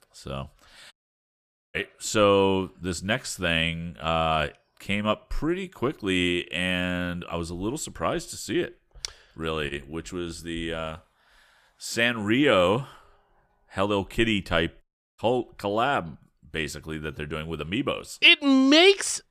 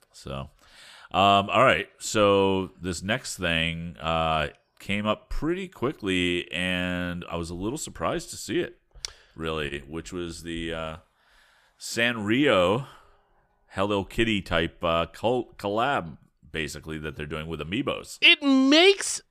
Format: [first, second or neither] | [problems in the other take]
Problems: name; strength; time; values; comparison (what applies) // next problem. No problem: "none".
second | audio cutting out; at 1 s for 1 s and at 15 s